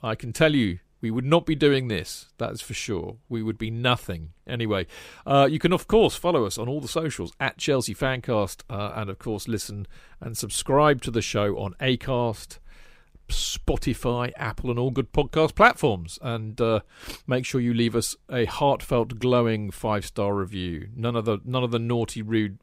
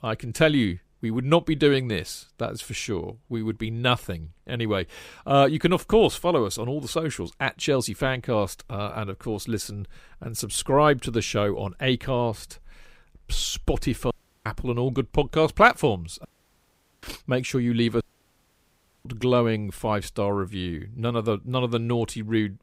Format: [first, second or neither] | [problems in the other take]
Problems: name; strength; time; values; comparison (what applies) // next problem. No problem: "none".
first | audio cutting out; at 14 s, at 16 s for 1 s and at 18 s for 1 s